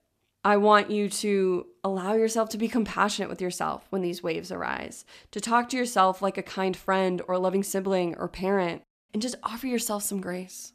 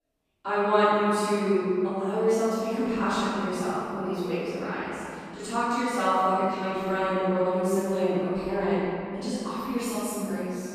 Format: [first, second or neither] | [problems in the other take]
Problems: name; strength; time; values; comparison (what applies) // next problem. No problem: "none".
first | off-mic speech; far // room echo; strong; dies away in 2.8 s